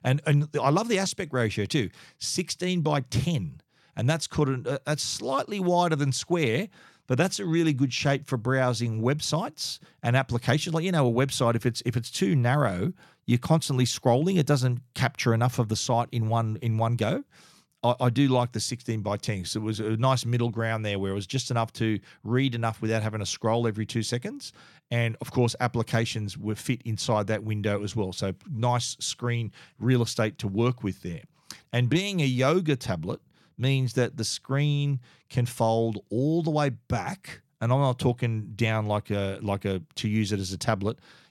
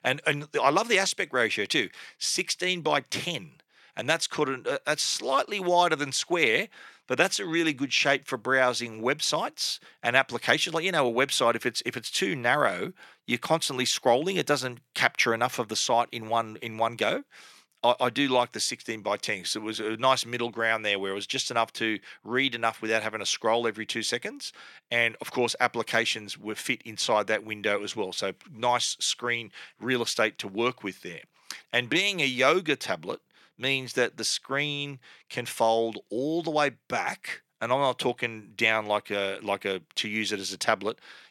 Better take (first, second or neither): first